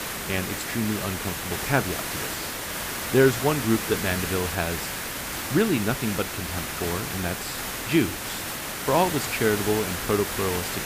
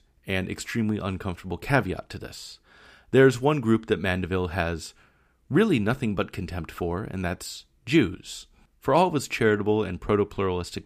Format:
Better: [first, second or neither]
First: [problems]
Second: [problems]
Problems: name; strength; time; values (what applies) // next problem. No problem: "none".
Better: second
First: hiss; loud; throughout; 3 dB below the speech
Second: none